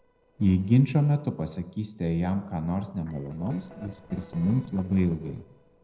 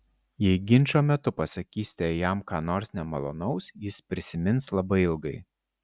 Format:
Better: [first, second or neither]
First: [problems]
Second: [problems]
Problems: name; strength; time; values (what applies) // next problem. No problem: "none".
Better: second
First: noise reduction (neural separator model SepFormer DNS4)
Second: none